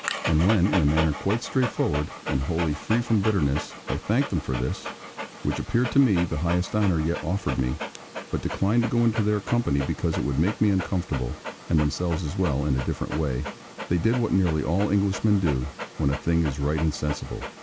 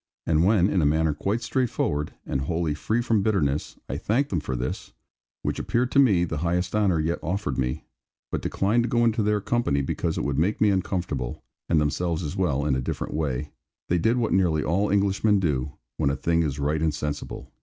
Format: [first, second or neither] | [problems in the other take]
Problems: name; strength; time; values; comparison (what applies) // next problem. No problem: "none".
second | background sound (Dog); 11 dB below the speech